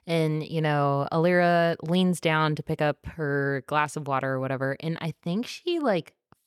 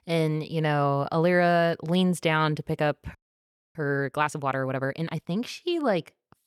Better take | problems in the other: first | audio freezing; at 3 s for 0.5 s

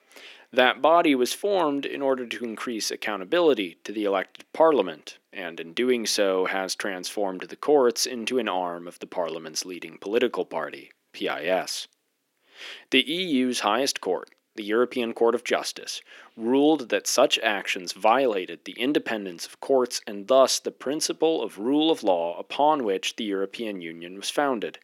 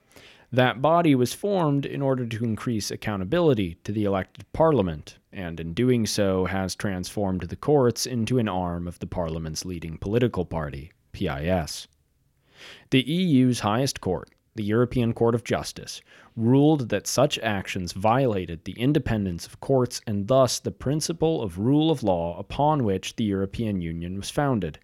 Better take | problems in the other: second | thin; somewhat; fading below 300 Hz

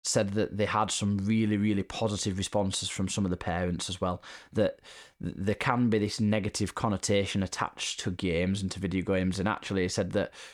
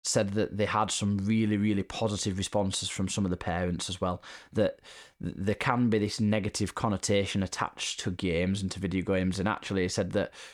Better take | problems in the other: neither | none

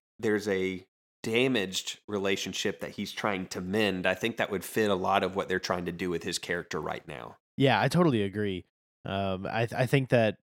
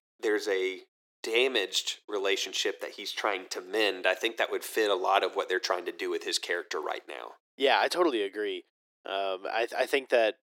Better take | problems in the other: first | thin; very; fading below 350 Hz

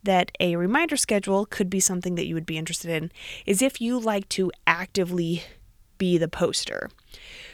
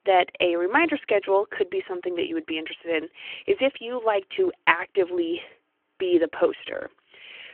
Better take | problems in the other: first | phone-call audio

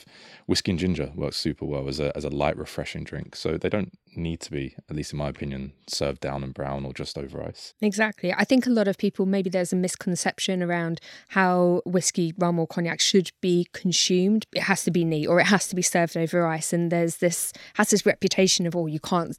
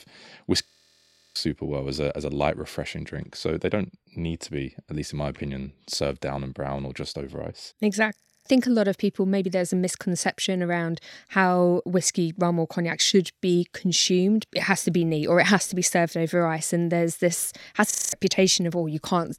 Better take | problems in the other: first | audio freezing; at 0.5 s for 0.5 s, at 8 s and at 18 s

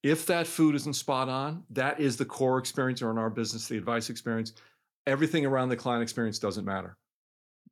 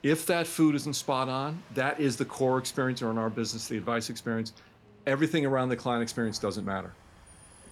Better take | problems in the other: first | traffic noise; faint; throughout; 25 dB below the speech

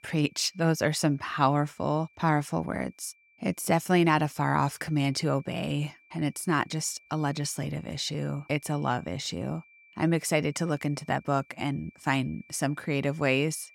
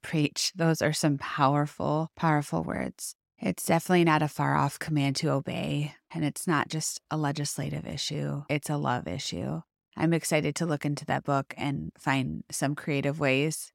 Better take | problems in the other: second | high-pitched whine; faint; throughout; 2.5 kHz, 30 dB below the speech

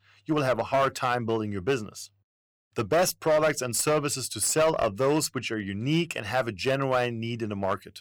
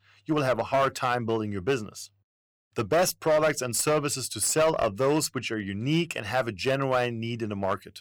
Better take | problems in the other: neither | distortion; slight; 6% of the sound clipped; the same in both

